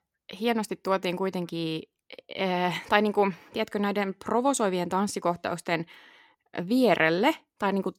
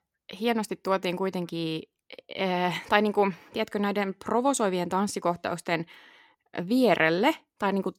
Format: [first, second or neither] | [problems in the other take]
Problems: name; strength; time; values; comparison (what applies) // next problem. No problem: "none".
neither | none